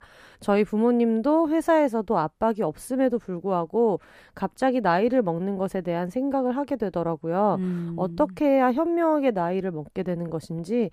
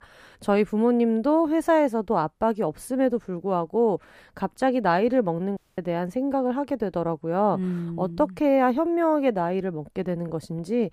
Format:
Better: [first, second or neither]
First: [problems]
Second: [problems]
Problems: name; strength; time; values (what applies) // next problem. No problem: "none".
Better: first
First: none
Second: audio cutting out; at 5.5 s